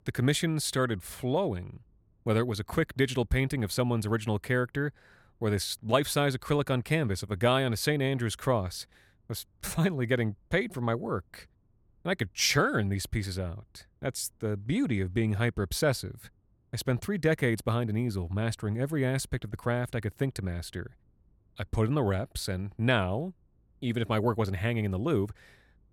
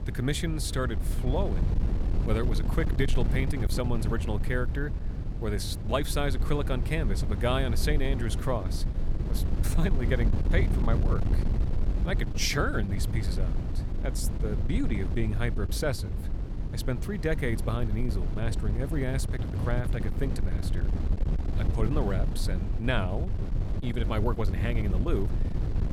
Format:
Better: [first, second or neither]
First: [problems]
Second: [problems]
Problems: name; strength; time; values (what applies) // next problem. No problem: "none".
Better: first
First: none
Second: wind noise on the microphone; heavy; 8 dB below the speech